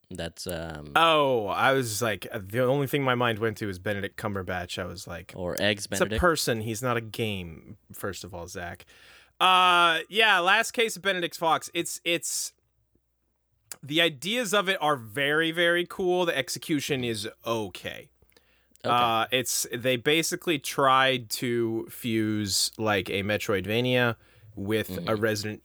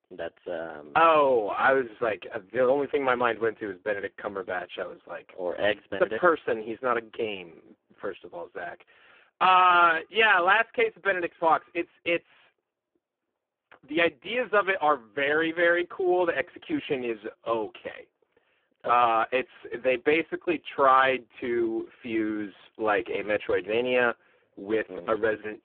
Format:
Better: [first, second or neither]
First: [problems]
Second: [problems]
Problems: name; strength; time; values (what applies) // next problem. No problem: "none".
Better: first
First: none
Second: phone-call audio; poor line